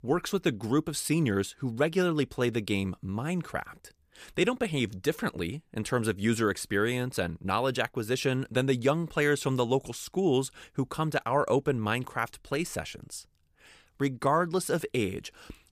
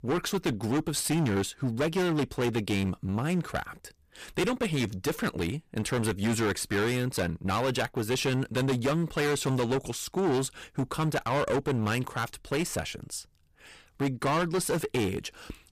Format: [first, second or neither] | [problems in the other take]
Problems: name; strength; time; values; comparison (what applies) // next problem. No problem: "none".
first | distortion; heavy; 16% of the sound clipped